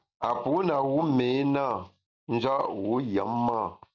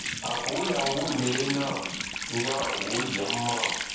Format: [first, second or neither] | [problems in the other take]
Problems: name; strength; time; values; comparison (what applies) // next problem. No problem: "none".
first | background sound (Water tap, faucet); 1 dB below the speech // room echo; dies away in 0.7 s